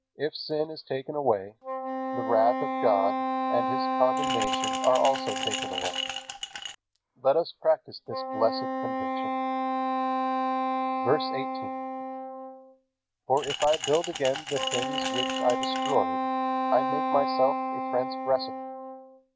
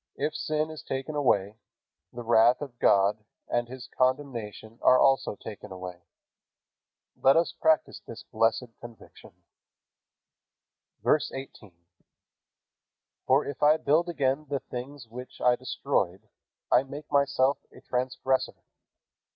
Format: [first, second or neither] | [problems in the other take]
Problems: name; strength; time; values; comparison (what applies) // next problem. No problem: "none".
second | background sound (Glass + Wind instrument, woodwind instrument); 1 dB below the speech